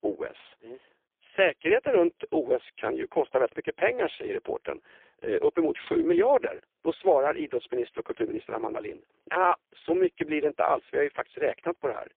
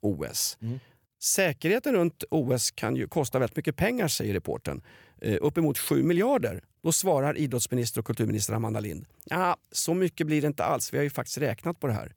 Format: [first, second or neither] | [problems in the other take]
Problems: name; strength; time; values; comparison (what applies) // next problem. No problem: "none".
second | phone-call audio; poor line